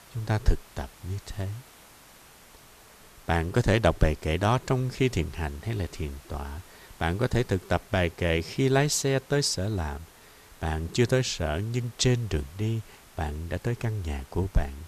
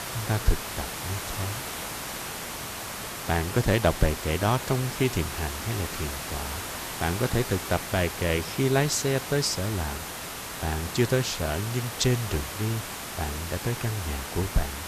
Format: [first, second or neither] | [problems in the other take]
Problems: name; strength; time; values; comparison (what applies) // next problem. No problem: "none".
first | hiss; loud; throughout; 5 dB below the speech; faint in the first